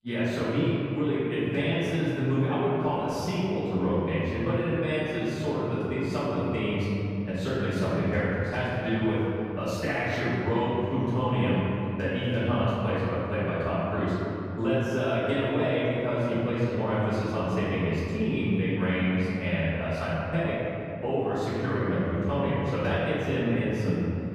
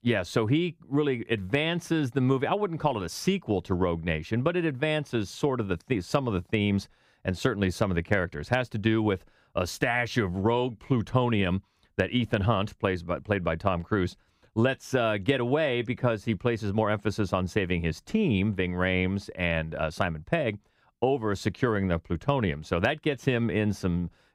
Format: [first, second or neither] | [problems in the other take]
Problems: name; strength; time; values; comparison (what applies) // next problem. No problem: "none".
second | off-mic speech; far // room echo; strong; dies away in 2.8 s